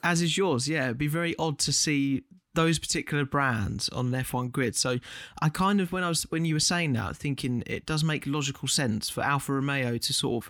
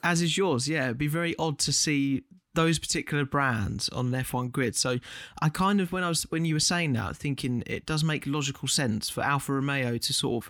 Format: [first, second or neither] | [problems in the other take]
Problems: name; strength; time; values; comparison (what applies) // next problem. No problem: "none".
neither | none